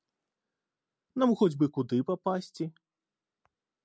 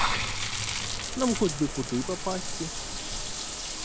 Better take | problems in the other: first | background sound (Bathtub (filling or washing) / Water); 1 dB above the speech

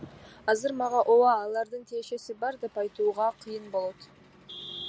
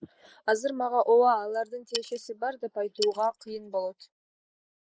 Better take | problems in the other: first | noise reduction (neural mask model Resemble Enhance denoiser)

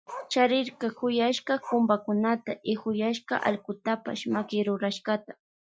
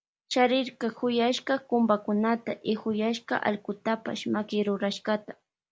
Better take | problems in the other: second | noise reduction (classical method Wiener filter)

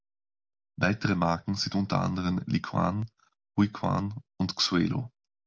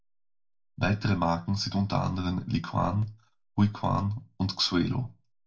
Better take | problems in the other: first | room echo; dies away in 0.2 s

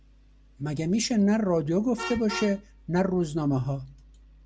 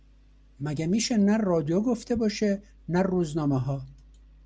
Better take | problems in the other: second | background sound (Vehicle horn, car horn, honking); 16 dB below the speech

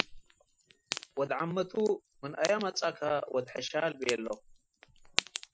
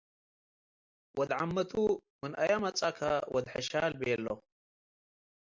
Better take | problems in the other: second | noise reduction (classical method Wiener filter)

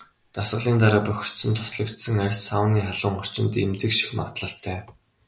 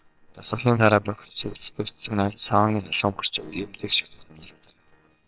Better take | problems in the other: first | noise reduction (neural separator model SepFormer WHAMR!)

